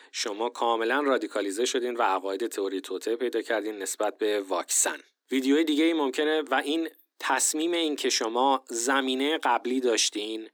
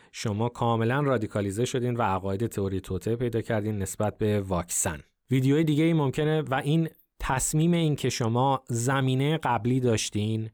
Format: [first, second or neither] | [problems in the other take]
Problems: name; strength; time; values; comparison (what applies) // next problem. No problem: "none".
second | thin; somewhat; fading below 250 Hz